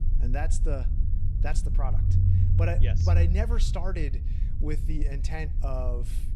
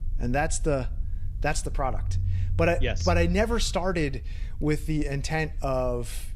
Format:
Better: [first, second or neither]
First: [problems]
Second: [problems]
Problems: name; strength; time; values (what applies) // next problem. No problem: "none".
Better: second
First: low rumble; loud; throughout; 6 dB below the speech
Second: low rumble; faint; throughout; 25 dB below the speech